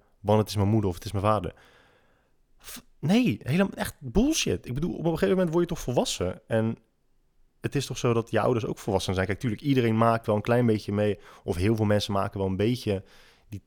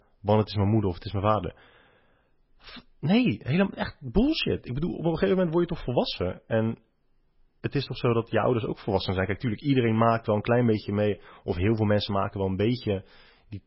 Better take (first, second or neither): first